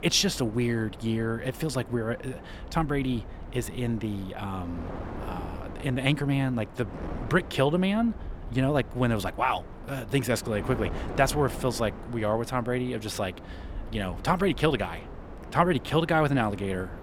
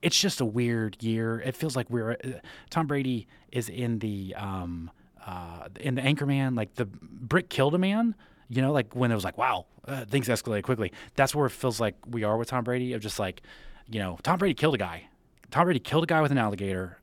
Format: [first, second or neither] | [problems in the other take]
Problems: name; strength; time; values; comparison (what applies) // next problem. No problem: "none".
second | wind noise on the microphone; occasional gusts; 15 dB below the speech